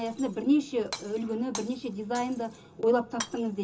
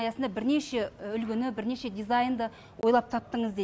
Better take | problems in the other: second | background sound (Shatter); 15 dB below the speech // room echo; dies away in 0.2 s

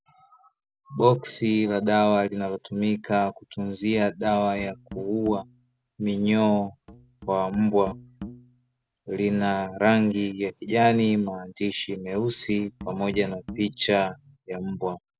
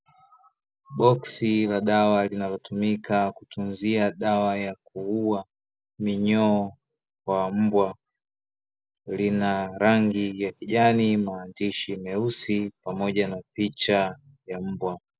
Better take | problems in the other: second | background sound (Musical instrument); 19 dB below the speech

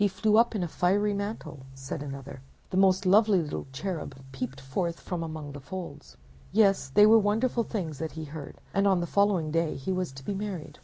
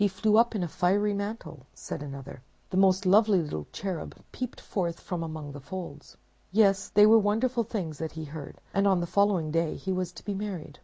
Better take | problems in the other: second | background sound (Boom); 19 dB below the speech

